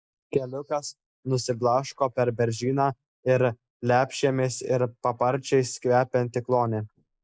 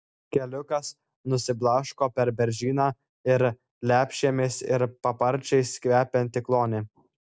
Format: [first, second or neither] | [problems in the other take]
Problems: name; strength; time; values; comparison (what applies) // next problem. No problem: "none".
second | noise reduction (neural mask model Resemble Enhance denoiser)